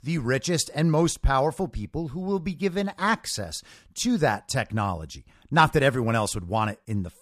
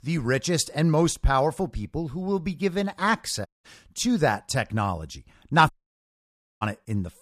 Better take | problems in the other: first | audio cutting out; at 3.5 s and at 5.5 s for 1 s

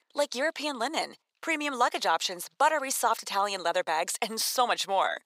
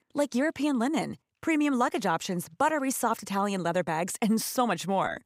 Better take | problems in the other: second | thin; very; fading below 650 Hz

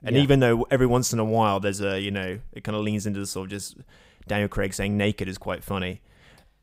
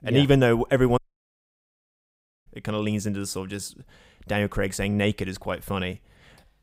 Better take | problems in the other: first | audio cutting out; at 1 s for 1.5 s

